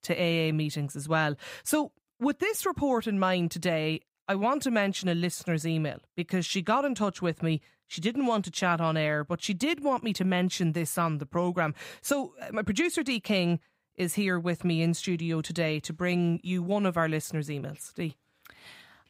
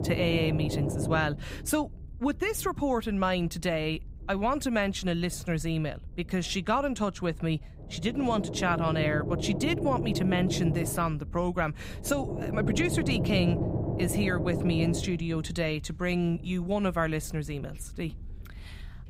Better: first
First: none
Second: low rumble; loud; throughout; 6 dB below the speech

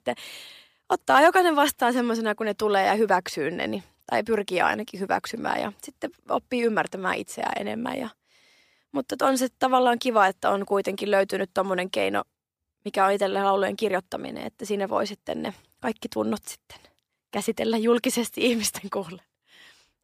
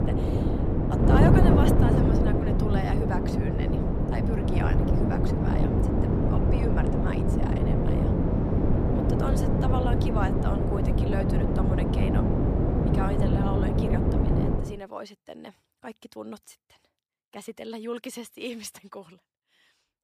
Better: first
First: none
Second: wind noise on the microphone; heavy; until 15 s; 5 dB above the speech

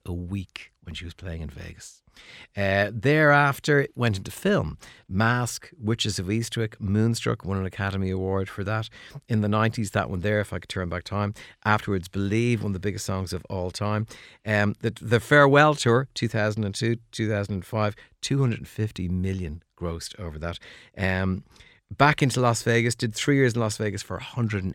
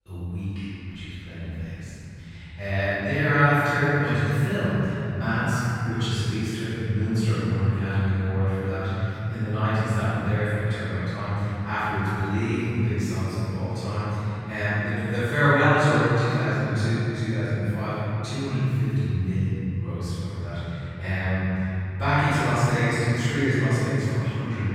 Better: first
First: none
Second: off-mic speech; far // room echo; strong; dies away in 3 s

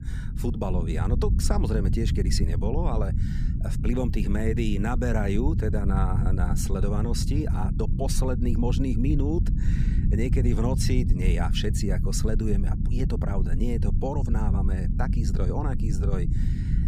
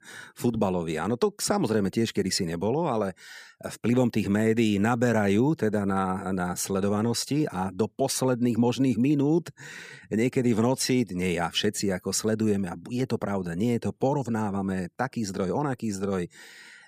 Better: second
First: low rumble; loud; throughout; 7 dB below the speech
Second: none

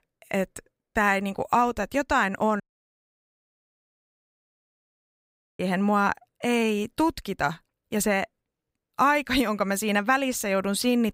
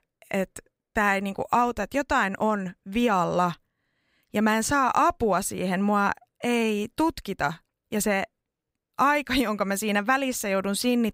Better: second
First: audio cutting out; at 2.5 s for 3 s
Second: none

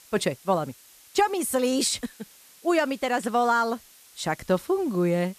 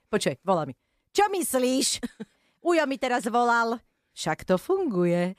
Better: second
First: hiss; faint; throughout; 25 dB below the speech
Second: none

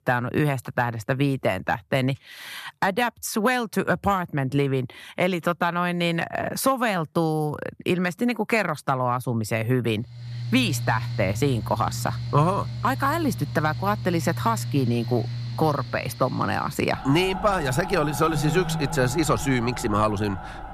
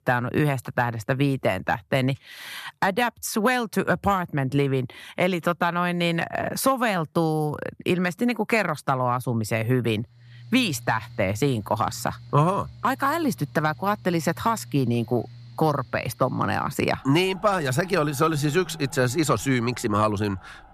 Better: second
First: machinery noise; loud; from 10 s on; 8 dB below the speech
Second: machinery noise; faint; from 10 s on; 20 dB below the speech

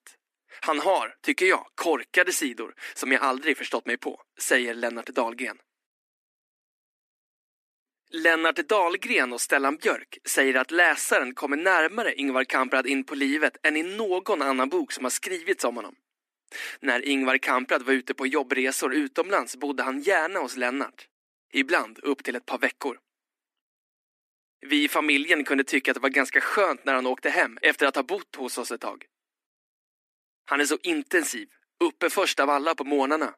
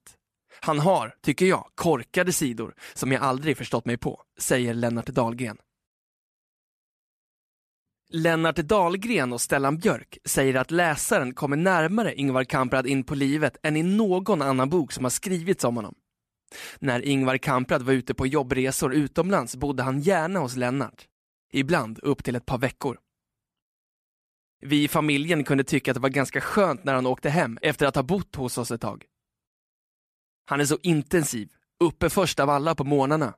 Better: second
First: thin; very slightly; fading below 250 Hz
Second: none

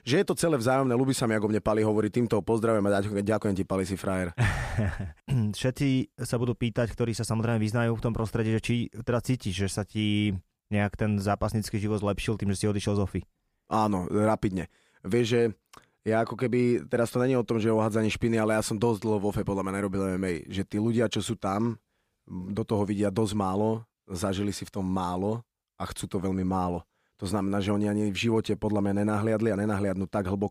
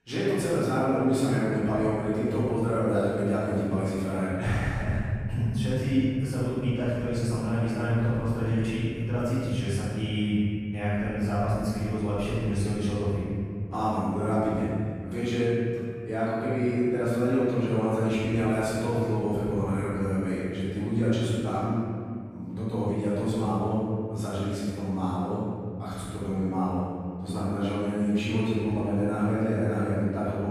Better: first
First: none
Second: room echo; strong; dies away in 2.4 s // off-mic speech; far

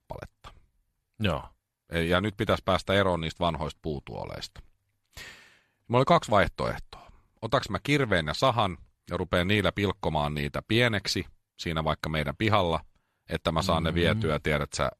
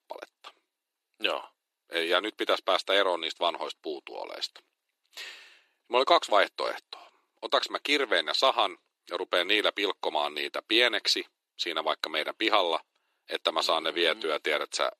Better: first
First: none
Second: thin; very; fading below 350 Hz

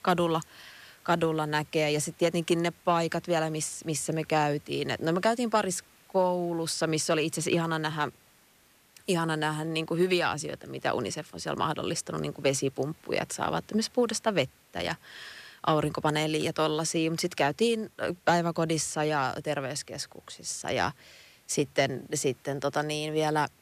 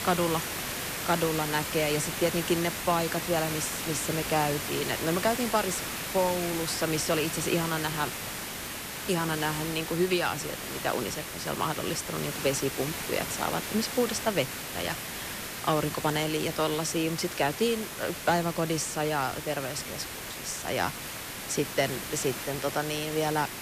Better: first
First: hiss; faint; throughout; 30 dB below the speech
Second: hiss; loud; throughout; 4 dB below the speech

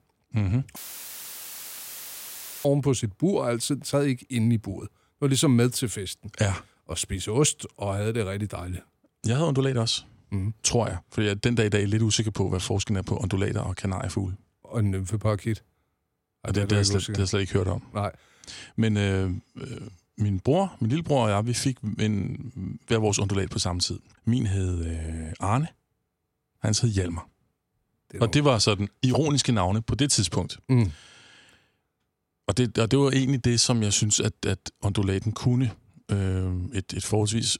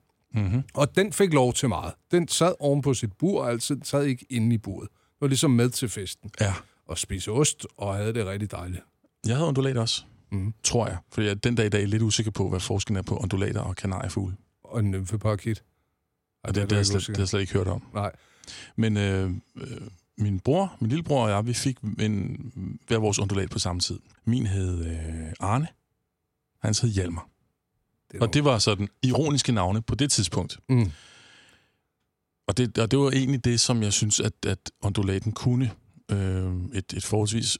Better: second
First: audio cutting out; filled with static; at 1 s for 2 s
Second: none

